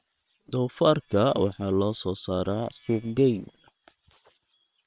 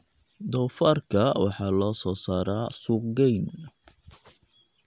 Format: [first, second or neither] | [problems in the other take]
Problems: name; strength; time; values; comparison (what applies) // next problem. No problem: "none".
second | noise reduction (neural separator model SepFormer WHAM!)